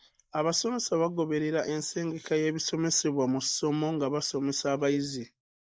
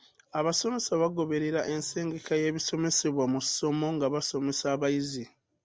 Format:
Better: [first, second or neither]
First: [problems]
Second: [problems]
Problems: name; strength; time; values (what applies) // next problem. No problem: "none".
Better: second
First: noise reduction (neural mask model Resemble Enhance denoiser)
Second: none